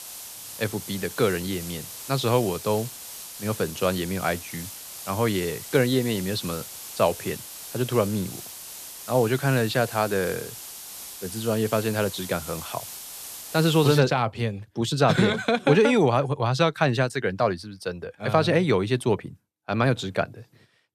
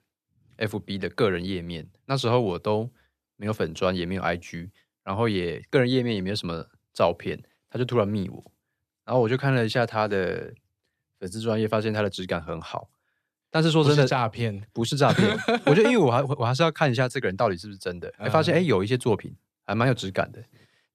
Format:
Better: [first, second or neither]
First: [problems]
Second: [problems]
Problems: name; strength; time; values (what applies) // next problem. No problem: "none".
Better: second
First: hiss; noticeable; until 14 s; 10 dB below the speech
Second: none